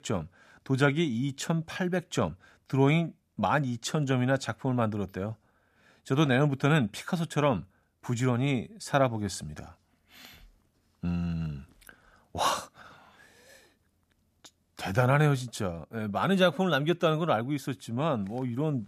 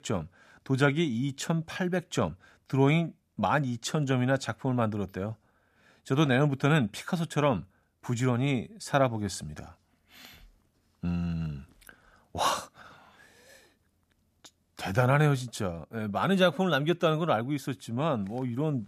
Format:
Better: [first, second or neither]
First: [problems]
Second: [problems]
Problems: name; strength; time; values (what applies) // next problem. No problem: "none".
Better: neither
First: none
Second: none